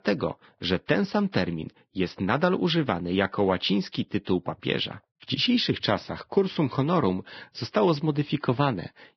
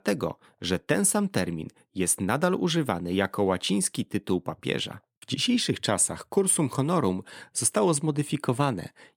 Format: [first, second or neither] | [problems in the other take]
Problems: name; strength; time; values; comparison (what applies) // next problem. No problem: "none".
second | garbled, watery; badly; nothing above 5.5 kHz